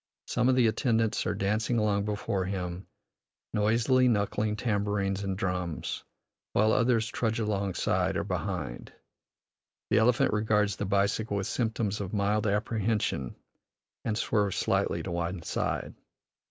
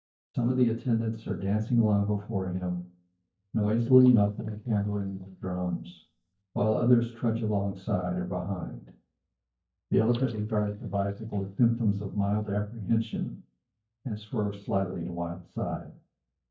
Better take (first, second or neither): first